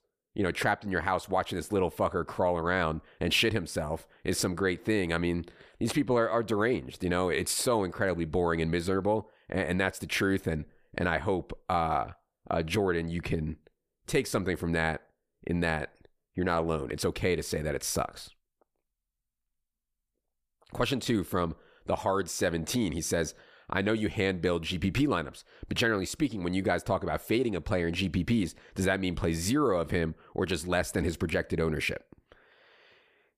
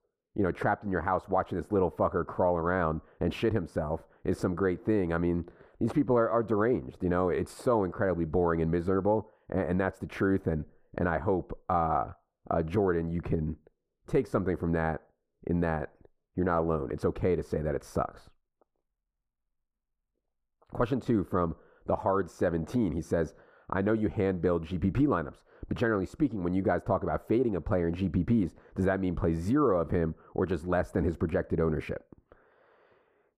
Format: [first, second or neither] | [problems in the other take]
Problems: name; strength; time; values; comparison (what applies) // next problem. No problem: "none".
first | muffled; very; fading above 1.5 kHz